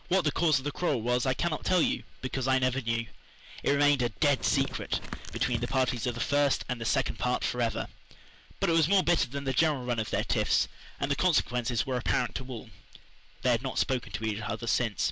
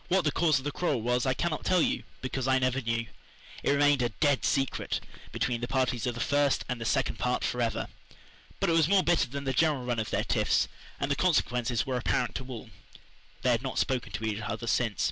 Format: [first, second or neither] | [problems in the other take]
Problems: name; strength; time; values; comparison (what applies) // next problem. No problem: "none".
second | background sound (Tearing); 12 dB below the speech